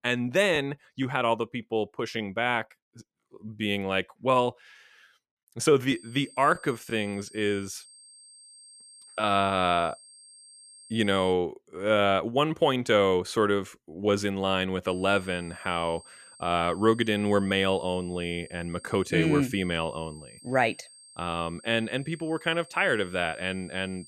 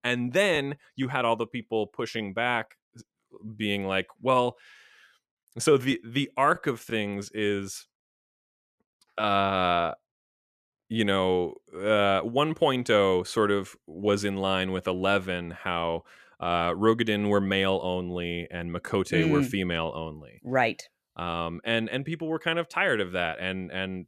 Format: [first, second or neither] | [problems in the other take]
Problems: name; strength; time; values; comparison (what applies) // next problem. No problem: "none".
second | high-pitched whine; faint; from 6 to 11 s and from 15 s on; 8.5 kHz, 20 dB below the speech